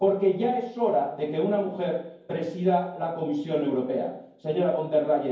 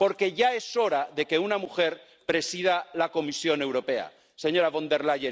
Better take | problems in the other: second | room echo; dies away in 0.9 s

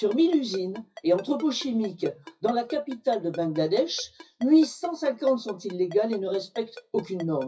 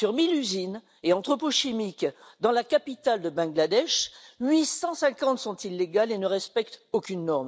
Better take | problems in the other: second | noise reduction (classical method WPE with log-MMSE)

